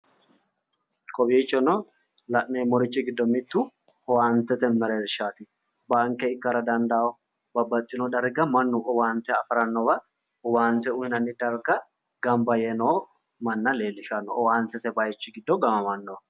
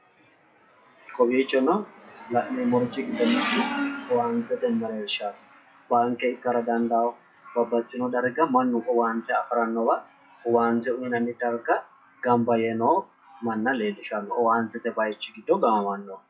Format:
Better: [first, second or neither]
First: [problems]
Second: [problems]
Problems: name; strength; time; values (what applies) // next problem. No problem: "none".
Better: first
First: none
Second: noise reduction (classical method WPE with log-MMSE)